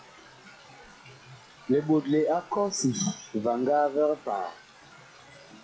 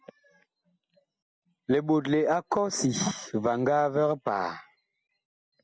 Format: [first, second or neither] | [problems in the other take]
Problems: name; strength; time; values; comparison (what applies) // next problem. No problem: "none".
second | noise reduction (classical method log-MMSE)